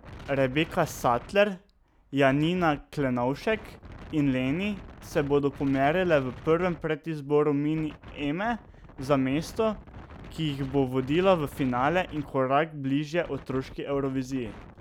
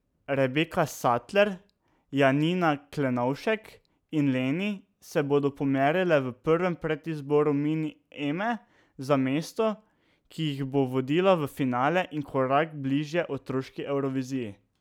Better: second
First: background sound (Wind); 18 dB below the speech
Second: none

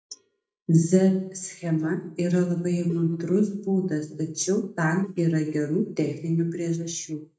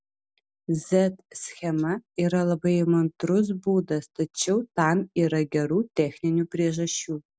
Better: second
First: noise reduction (neural mask model DeepFilterNet 3)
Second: none

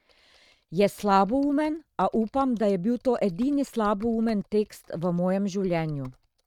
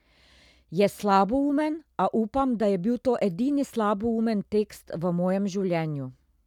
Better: second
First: noise reduction (neural mask model RNNoise)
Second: none

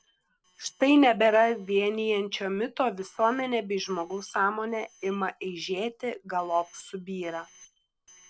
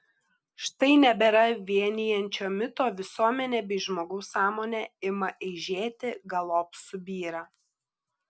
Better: second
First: noise reduction (neural separator model SepFormer DNS4)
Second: none

